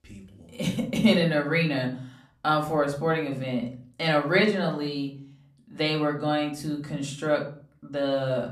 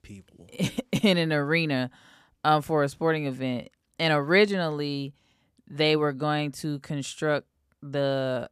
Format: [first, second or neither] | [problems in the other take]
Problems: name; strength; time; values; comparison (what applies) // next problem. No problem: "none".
second | room echo; slight; dies away in 0.4 s // off-mic speech; somewhat distant